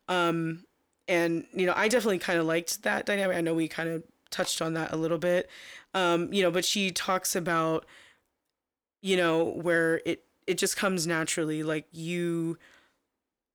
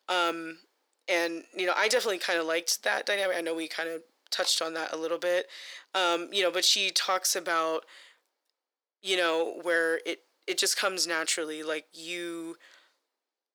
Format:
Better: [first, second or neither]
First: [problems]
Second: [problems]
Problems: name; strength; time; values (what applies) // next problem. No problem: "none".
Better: first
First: none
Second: thin; very; fading below 400 Hz